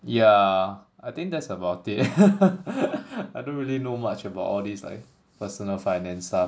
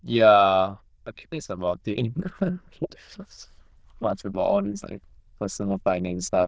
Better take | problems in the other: first | noise reduction (neural diffusion model UNIVERSE++)

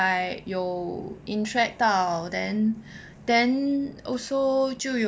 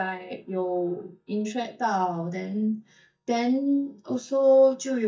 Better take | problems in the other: first | noise reduction (neural mask model DeepFilterNet 3)

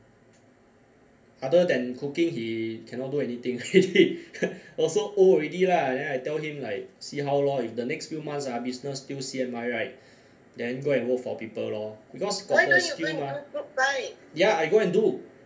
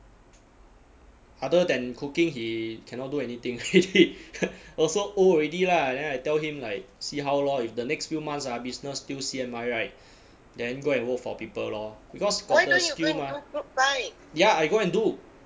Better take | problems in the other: second | room echo; dies away in 0.3 s

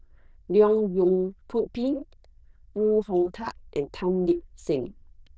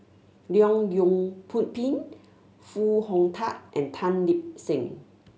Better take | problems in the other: second | noise reduction (neural diffusion model UNIVERSE++)

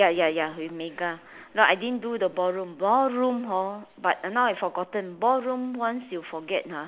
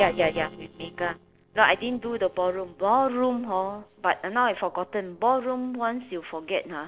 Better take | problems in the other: first | noise reduction (neural separator model SepFormer DNS4)

